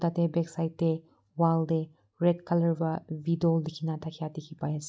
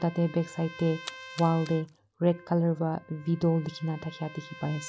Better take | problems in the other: first | background sound (Trumpet + Splash, splatter); 18 dB below the speech

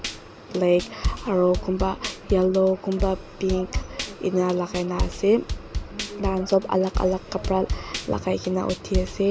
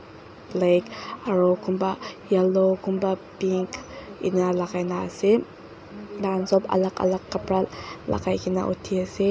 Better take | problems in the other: second | background sound (Drum kit); 7 dB below the speech

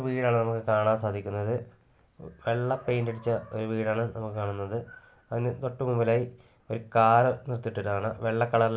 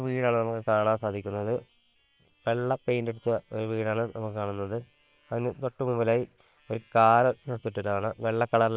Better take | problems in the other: first | noise reduction (neural separator model SepFormer WHAM!)

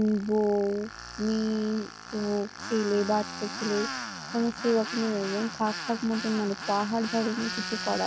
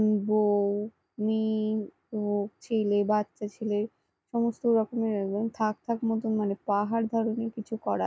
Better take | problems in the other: second | background sound (Tools); 9 dB below the speech

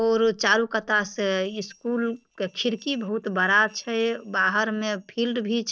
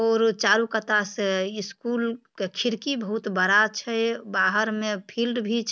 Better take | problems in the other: second | noise reduction (neural separator model SepFormer DNS4)

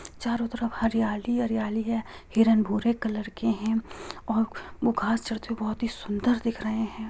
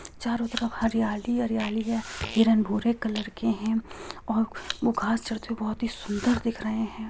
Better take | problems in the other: first | background sound (Fart + Domestic sounds, home sounds); 15 dB below the speech

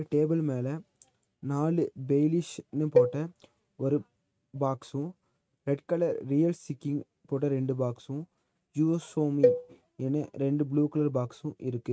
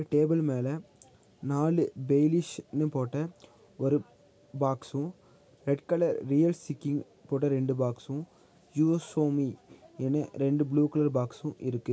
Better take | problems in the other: second | noise reduction (neural mask model RNNoise)

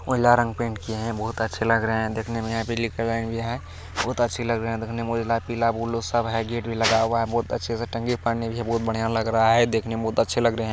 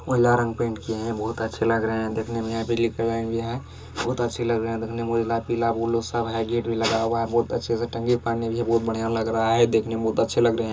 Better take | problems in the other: first | room echo; dies away in 0.2 s

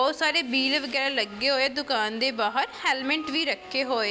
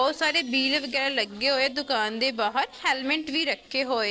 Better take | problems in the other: first | noise reduction (neural separator model SepFormer DNS4)

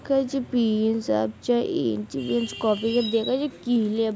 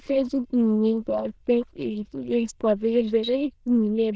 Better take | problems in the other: first | noise reduction (neural diffusion model UNIVERSE++)

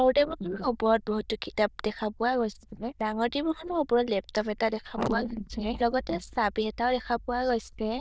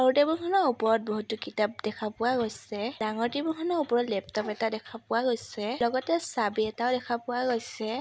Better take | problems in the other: second | noise reduction (neural diffusion model UNIVERSE++)

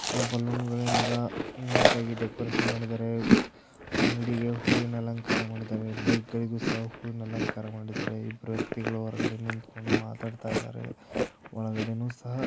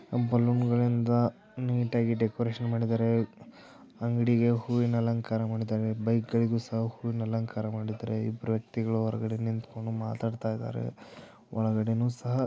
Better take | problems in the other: second | background sound (Chewing, mastication); 2 dB above the speech

